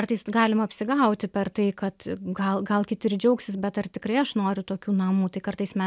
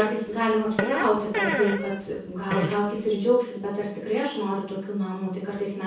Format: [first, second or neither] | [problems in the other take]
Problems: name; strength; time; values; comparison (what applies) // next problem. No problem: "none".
first | background sound (Fart); 5 dB below the speech // room echo; dies away in 0.6 s